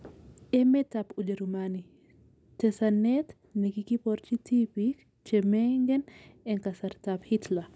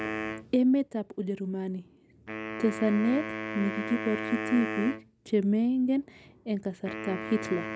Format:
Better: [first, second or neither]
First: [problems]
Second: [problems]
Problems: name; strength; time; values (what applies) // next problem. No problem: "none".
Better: first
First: none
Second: background sound (Wind instrument, woodwind instrument); 8 dB below the speech